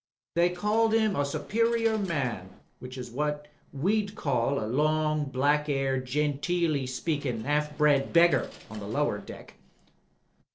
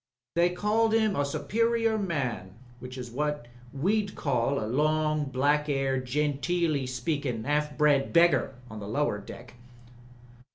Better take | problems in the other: second | noise reduction (neural separator model SepFormer DNS4)

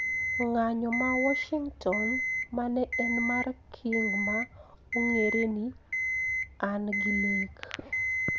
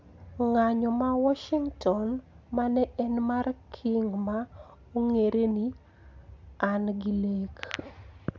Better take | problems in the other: second | background sound (Alarm); 1 dB below the speech

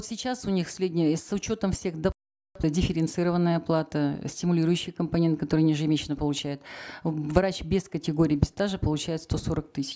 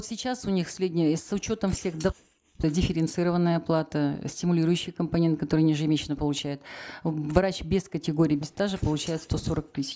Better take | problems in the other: first | noise reduction (neural mask model Resemble Enhance denoiser)

